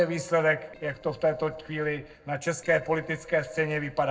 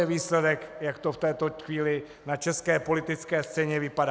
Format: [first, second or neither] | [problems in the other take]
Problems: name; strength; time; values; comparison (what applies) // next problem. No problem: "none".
second | noise reduction (neural separator model SepFormer DNS4)